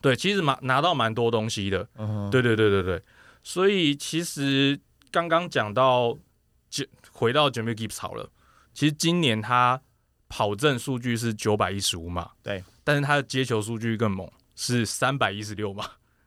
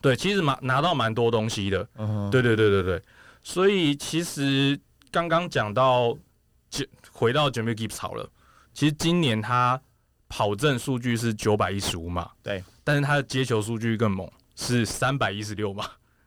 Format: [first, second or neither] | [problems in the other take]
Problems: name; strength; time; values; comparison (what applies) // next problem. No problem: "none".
first | distortion; slight; 10 dB below the speech